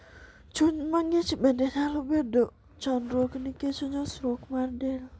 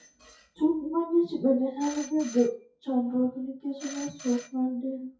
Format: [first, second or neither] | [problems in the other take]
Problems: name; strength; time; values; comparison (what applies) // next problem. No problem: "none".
first | noise reduction (classical method WPE with log-MMSE)